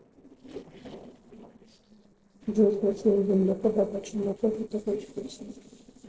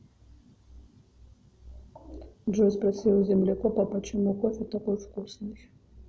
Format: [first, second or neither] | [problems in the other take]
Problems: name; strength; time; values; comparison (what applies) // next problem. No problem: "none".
second | noise reduction (neural separator model SepFormer DNS4)